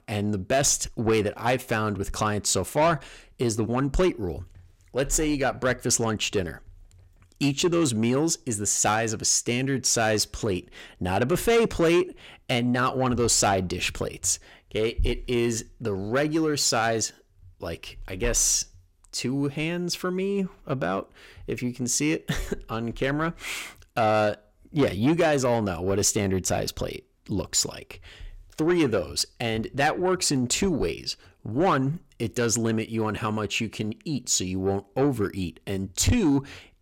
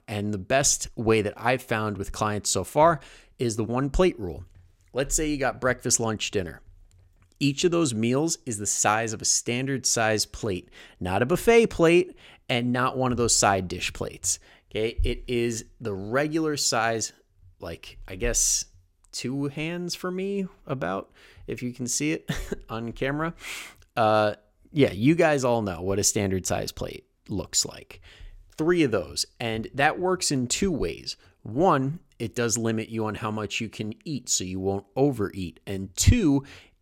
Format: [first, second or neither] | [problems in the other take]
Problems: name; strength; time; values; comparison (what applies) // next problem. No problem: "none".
second | distortion; slight; 10 dB below the speech